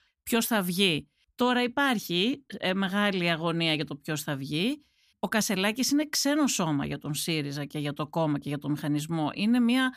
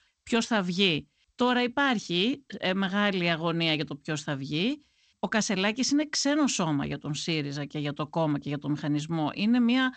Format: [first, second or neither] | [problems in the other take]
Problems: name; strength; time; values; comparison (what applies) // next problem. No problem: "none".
first | garbled, watery; slightly; nothing above 7.5 kHz